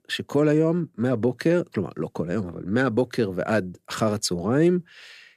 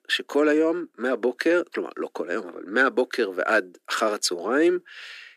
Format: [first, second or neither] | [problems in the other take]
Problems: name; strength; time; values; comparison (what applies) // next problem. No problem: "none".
first | thin; somewhat; fading below 300 Hz